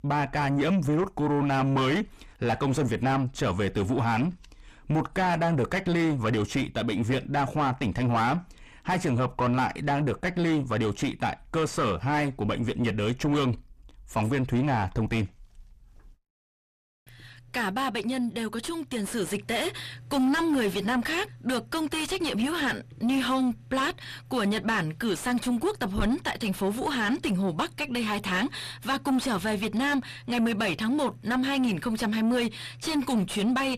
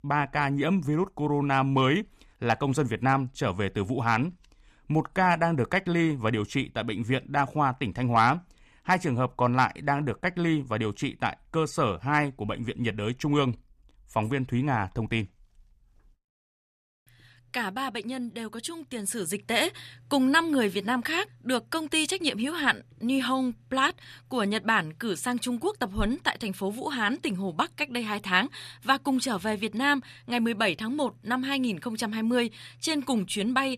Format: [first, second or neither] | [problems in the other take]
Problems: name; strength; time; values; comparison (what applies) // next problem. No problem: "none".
second | distortion; heavy; 5 dB below the speech